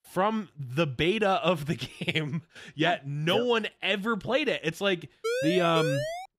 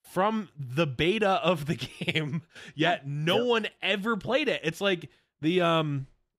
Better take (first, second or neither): second